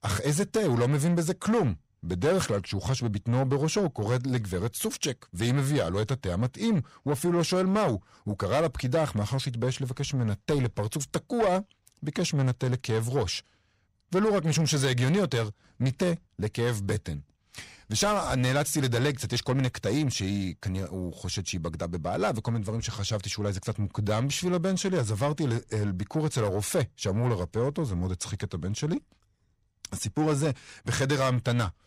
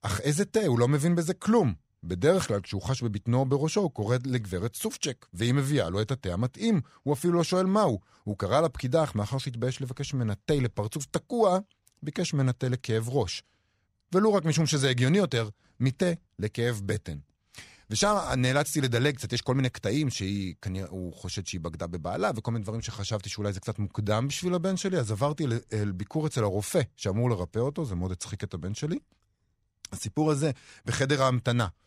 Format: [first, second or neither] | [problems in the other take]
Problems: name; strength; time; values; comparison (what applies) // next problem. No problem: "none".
second | distortion; slight; 10 dB below the speech